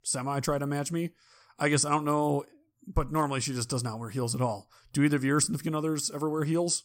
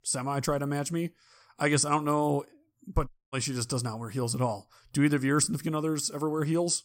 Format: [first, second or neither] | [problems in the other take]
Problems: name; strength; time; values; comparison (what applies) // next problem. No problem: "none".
first | audio cutting out; at 3 s